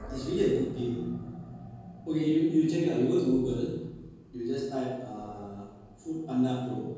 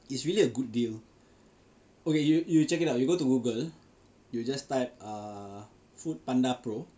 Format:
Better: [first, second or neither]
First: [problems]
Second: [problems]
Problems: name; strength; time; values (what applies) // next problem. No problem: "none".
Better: second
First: background sound (Animal); 16 dB below the speech // room echo; dies away in 1.3 s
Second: none